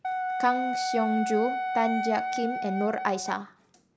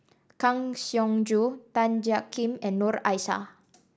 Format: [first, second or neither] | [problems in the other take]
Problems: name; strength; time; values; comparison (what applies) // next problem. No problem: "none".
second | background sound (Wind instrument, woodwind instrument); 2 dB below the speech